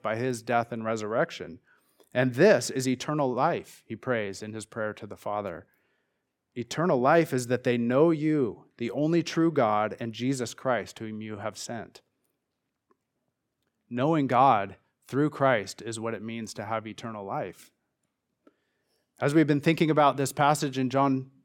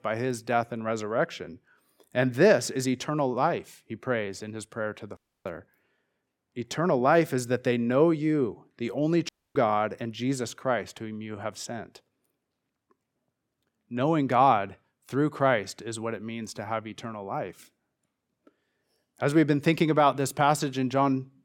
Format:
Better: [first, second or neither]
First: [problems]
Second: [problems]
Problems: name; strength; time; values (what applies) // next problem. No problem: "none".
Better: first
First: none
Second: audio cutting out; at 5 s and at 9.5 s